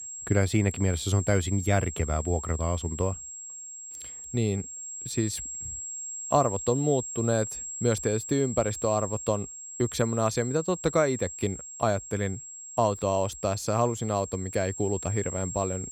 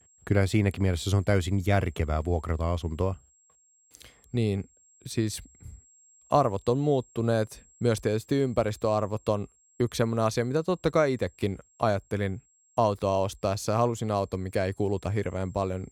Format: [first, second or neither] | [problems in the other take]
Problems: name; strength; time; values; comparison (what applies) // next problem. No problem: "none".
second | high-pitched whine; loud; throughout; 7.5 kHz, 8 dB below the speech; faint in the second